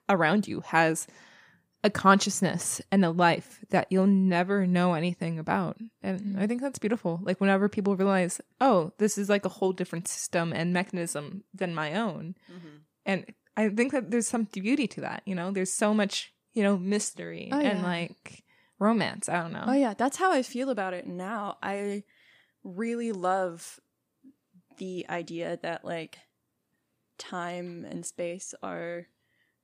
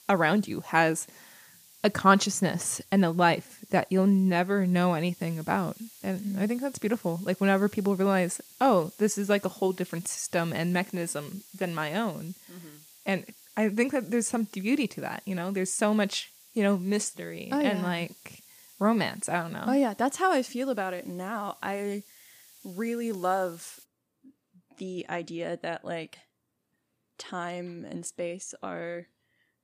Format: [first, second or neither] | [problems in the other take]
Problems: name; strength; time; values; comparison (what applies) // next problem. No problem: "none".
first | hiss; faint; until 24 s; 25 dB below the speech